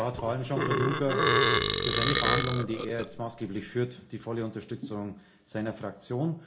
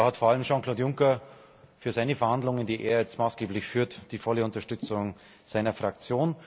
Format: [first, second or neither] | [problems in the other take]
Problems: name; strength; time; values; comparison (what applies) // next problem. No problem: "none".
second | background sound (Burping, eructation); 4 dB above the speech // room echo; dies away in 0.4 s